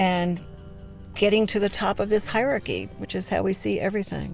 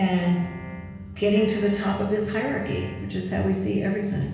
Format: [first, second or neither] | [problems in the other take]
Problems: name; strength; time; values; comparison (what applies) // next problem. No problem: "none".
first | background sound (Piano); 19 dB below the speech // room echo; dies away in 1.1 s